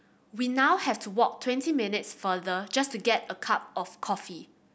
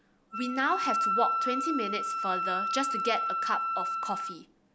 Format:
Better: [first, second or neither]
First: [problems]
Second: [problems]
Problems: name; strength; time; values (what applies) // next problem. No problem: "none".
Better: first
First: none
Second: background sound (Wind instrument, woodwind instrument); 2 dB above the speech